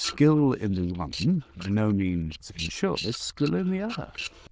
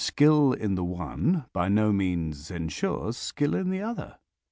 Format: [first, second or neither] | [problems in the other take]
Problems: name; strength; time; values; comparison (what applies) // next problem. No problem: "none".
second | noise reduction (neural diffusion model UNIVERSE++)